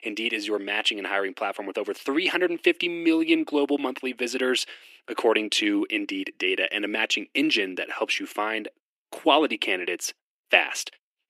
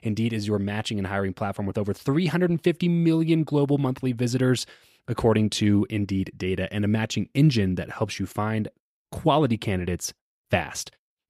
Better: second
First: thin; somewhat; fading below 300 Hz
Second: none

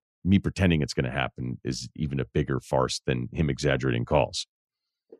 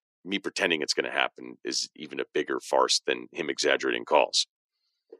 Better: first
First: none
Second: thin; very; fading below 350 Hz

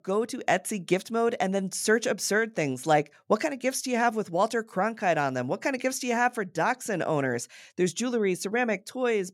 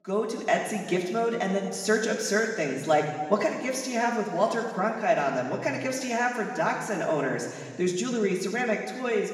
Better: first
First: none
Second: room echo; noticeable; dies away in 1.6 s // off-mic speech; far

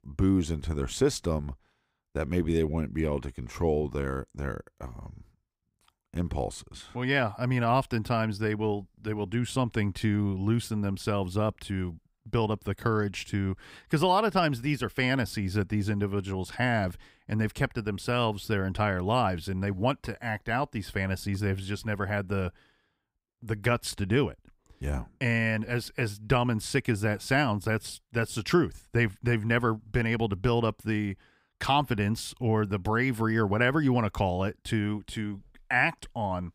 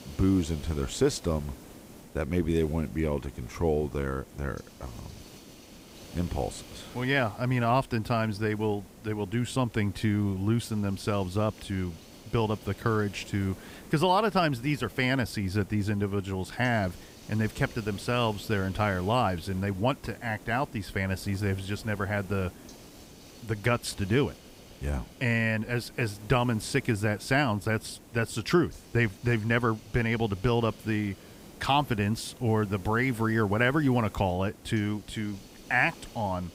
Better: first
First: none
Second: hiss; noticeable; throughout; 20 dB below the speech

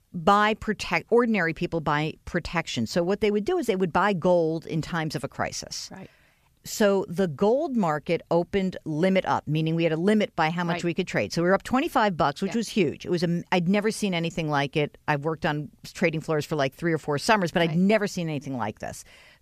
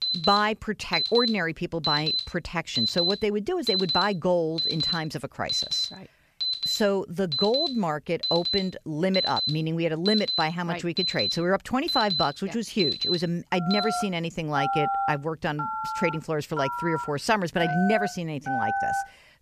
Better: first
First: none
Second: alarms or sirens; loud; throughout; as loud as the speech

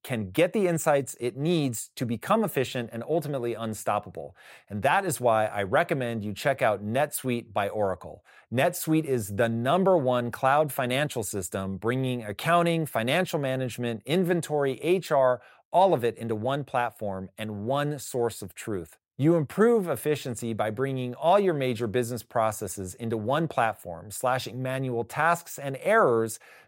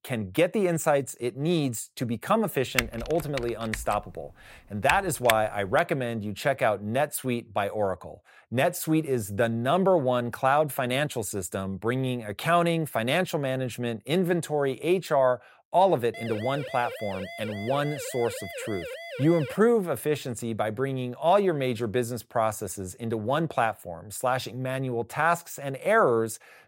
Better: first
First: none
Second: keyboard typing; noticeable; from 3 to 6 s; peak 2 dB below the speech // siren; faint; from 16 to 20 s; peak 10 dB below the speech

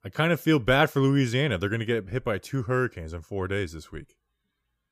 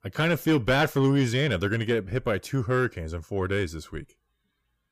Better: first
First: none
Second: distortion; slight; 10 dB below the speech

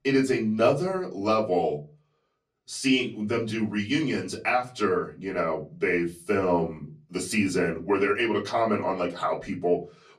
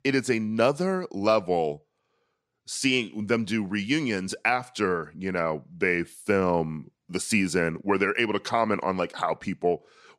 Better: second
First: off-mic speech; far // room echo; very slight; dies away in 0.3 s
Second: none

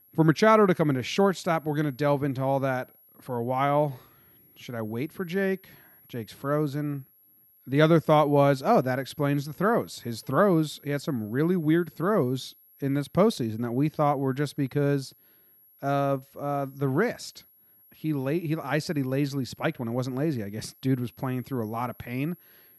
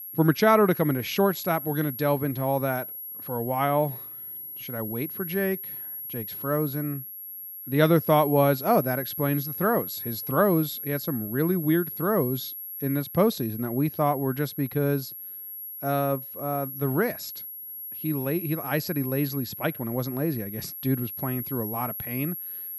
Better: first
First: high-pitched whine; faint; throughout; 11.5 kHz, 30 dB below the speech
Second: high-pitched whine; loud; throughout; 11.5 kHz, 8 dB below the speech

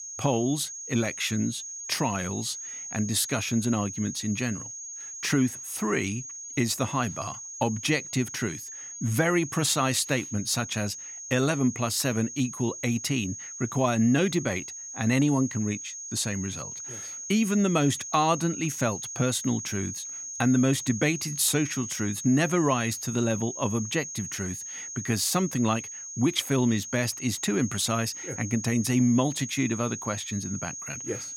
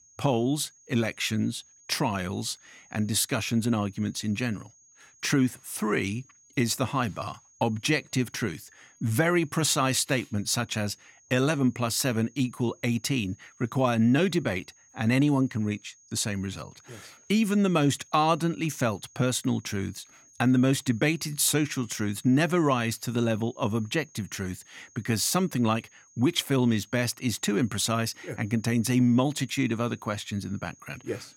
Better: second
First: high-pitched whine; loud; throughout; 6.5 kHz, 8 dB below the speech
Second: high-pitched whine; faint; throughout; 6.5 kHz, 30 dB below the speech

